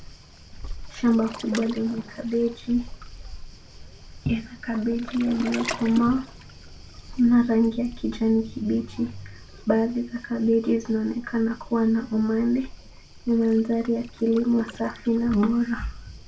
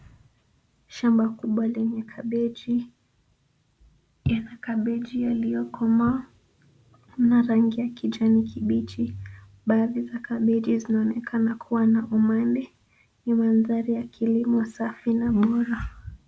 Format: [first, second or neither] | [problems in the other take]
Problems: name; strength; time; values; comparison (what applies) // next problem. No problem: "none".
second | background sound (Waves, surf); 14 dB below the speech // room echo; dies away in 0.2 s